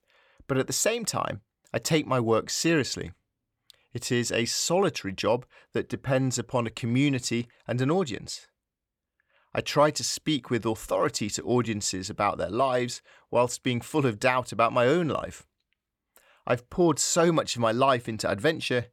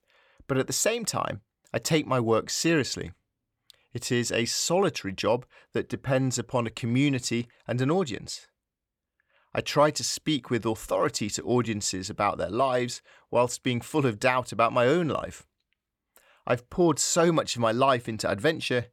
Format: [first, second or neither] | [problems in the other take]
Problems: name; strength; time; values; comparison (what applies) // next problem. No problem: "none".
neither | none